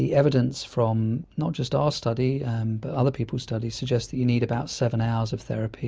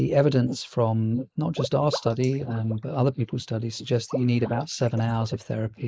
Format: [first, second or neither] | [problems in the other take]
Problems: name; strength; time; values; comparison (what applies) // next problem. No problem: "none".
first | noise reduction (neural mask model Resemble Enhance denoiser)